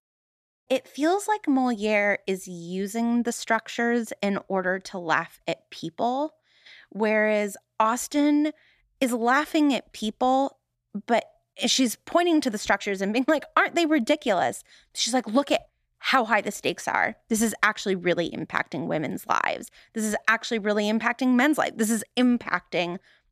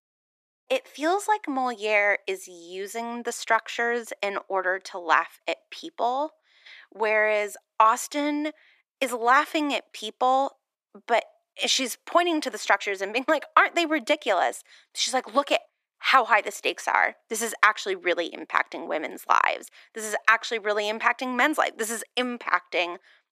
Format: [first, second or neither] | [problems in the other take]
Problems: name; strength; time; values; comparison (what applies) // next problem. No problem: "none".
first | thin; somewhat; fading below 350 Hz